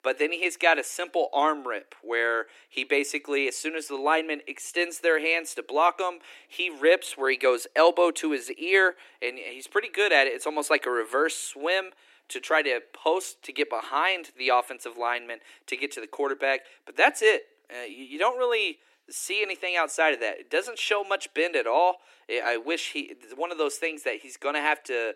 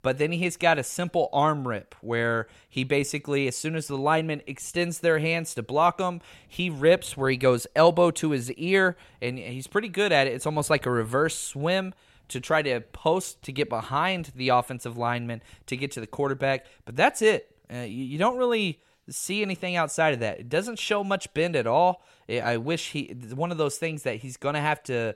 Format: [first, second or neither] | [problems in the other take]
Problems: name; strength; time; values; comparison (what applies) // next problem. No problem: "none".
second | thin; somewhat; fading below 300 Hz